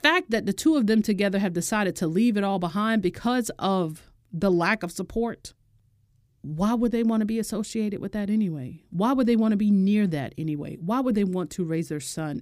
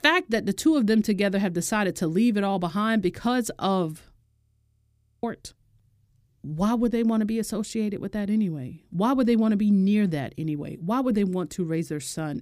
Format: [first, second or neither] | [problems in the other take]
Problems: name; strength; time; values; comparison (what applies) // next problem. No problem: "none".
first | audio freezing; at 4.5 s for 1 s